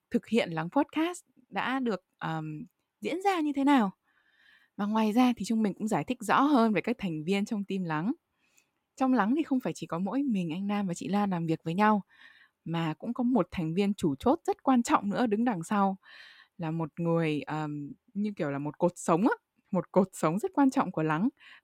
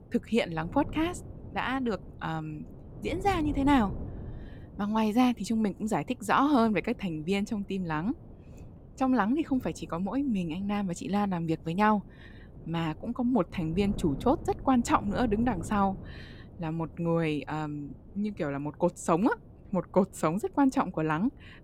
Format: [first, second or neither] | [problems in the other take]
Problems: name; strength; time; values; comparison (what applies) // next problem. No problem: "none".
first | wind noise on the microphone; occasional gusts; 20 dB below the speech